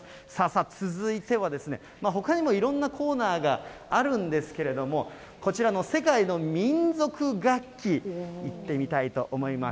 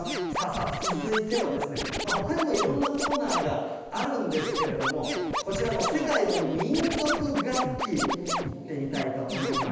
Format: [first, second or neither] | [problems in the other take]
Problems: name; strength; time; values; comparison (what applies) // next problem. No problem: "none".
first | background sound (Scratching (performance technique)); 2 dB below the speech // room echo; dies away in 1.1 s